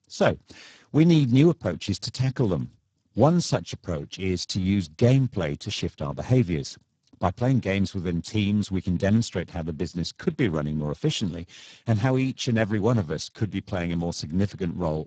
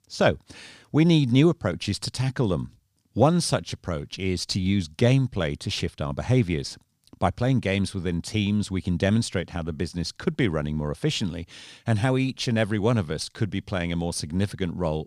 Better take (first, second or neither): second